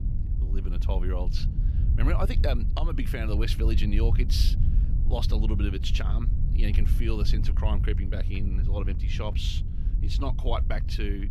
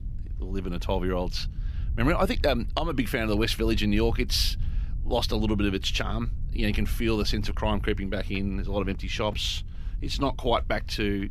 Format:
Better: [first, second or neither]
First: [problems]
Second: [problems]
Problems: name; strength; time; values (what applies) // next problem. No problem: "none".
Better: second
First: wind noise on the microphone; heavy; 9 dB below the speech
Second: wind noise on the microphone; occasional gusts; 25 dB below the speech